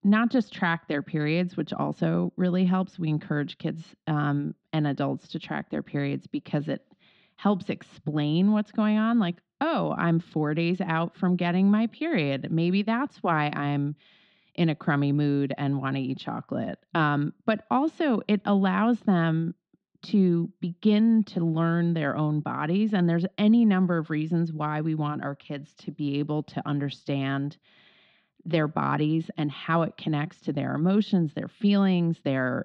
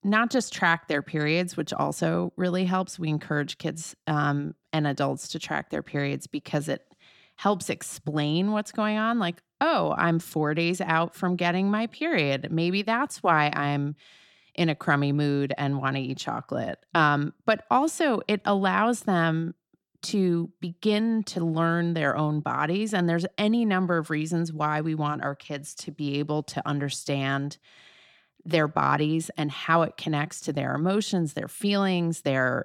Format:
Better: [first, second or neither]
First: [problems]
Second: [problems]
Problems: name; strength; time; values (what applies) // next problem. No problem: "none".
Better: second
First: muffled; very slightly; fading above 4 kHz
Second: none